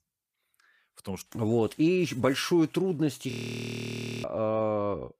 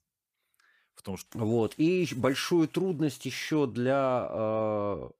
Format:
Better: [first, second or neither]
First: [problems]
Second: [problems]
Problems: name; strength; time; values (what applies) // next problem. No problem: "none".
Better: second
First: audio freezing; at 3.5 s for 1 s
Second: none